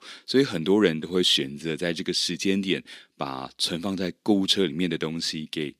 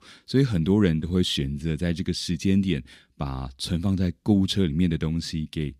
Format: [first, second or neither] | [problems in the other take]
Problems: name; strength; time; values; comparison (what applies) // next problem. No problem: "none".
second | thin; somewhat; fading below 350 Hz